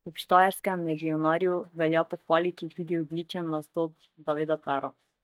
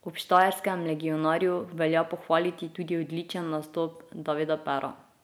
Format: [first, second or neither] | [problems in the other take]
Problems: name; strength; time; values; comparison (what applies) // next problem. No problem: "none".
second | noise reduction (neural mask model DeepFilterNet 3)